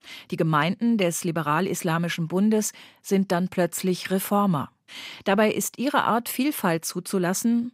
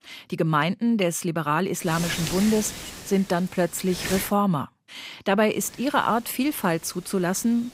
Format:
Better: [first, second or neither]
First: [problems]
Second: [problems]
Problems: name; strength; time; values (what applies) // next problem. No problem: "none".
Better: first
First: none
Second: wind noise on the microphone; heavy; from 2 to 4 s and from 5.5 s on; 9 dB below the speech